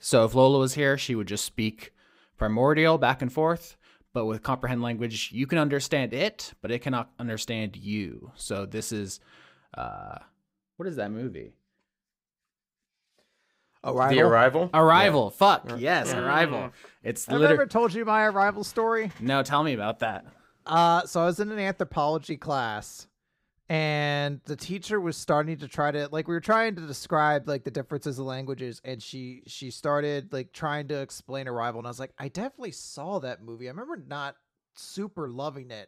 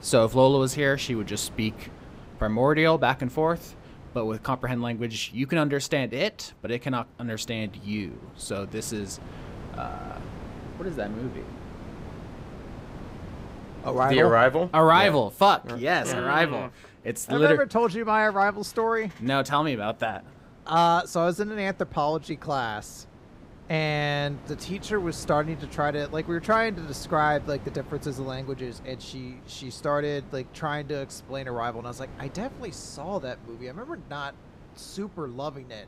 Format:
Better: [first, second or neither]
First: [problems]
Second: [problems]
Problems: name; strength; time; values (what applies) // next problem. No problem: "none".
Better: first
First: none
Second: wind noise on the microphone; occasional gusts; 25 dB below the speech